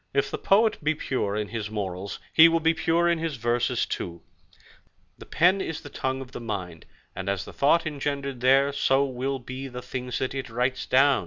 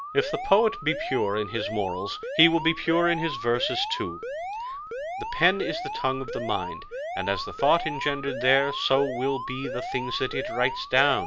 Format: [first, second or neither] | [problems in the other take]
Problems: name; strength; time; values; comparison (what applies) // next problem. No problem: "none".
first | background sound (Alarm); 7 dB below the speech